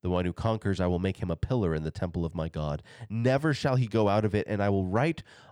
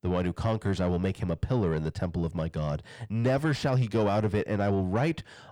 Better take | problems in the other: first | distortion; slight; 10 dB below the speech

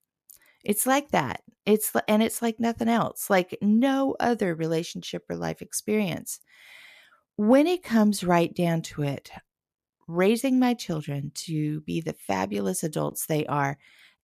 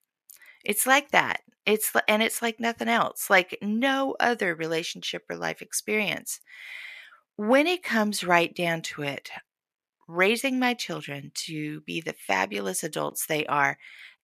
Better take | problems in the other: first | thin; somewhat; fading below 450 Hz

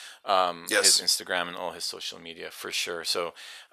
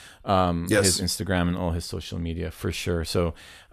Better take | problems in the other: second | thin; very; fading below 650 Hz

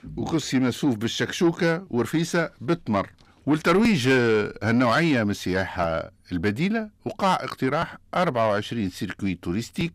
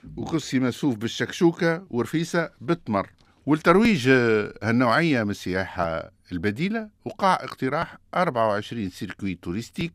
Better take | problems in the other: second | distortion; slight; 10 dB below the speech

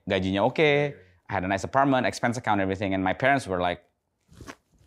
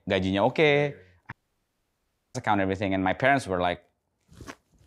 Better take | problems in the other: first | audio cutting out; at 1.5 s for 1 s

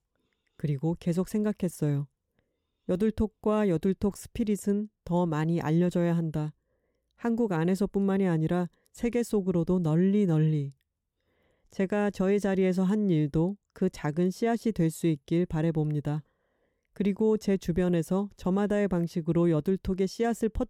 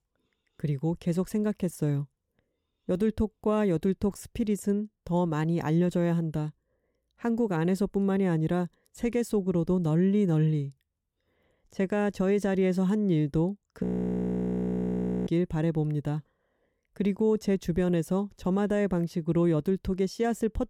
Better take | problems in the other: first | audio freezing; at 14 s for 1.5 s

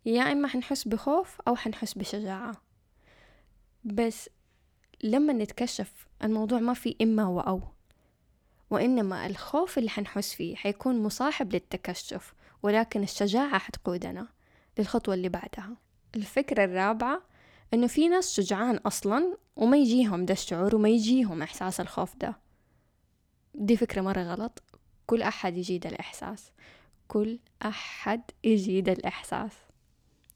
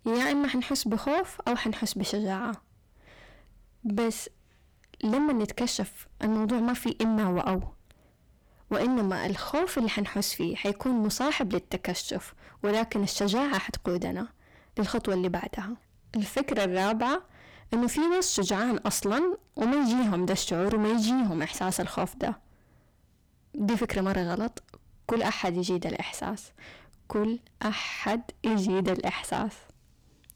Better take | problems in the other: first | distortion; heavy; 6 dB below the speech

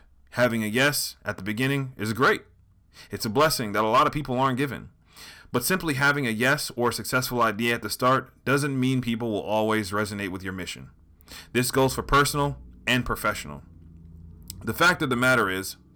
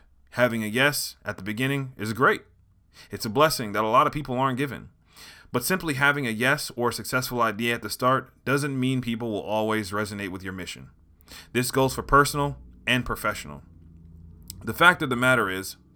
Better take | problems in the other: second | distortion; slight; 2% of the sound clipped

